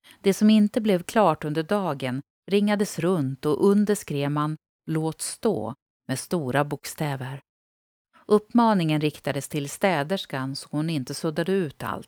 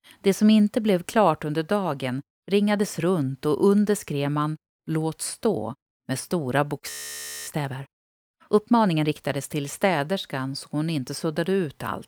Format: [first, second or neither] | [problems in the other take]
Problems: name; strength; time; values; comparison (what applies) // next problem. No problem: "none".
first | audio freezing; at 7 s for 0.5 s